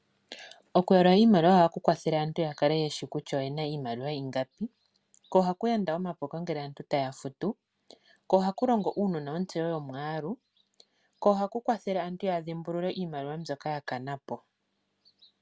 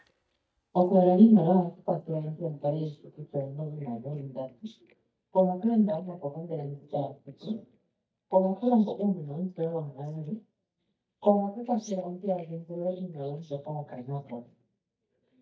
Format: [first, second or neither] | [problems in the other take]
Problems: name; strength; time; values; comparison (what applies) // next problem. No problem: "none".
first | noise reduction (neural mask model DeepFilterNet 3)